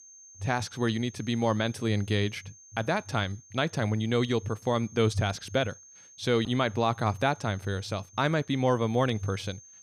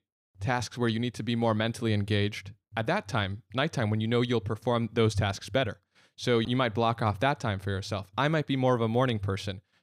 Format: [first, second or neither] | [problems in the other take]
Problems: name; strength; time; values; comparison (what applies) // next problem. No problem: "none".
second | high-pitched whine; faint; throughout; 6.5 kHz, 20 dB below the speech